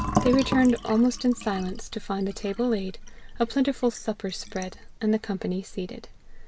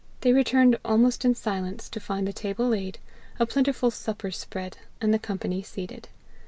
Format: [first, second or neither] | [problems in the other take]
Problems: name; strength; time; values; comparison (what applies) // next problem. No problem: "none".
second | background sound (Fill (with liquid)); 9 dB below the speech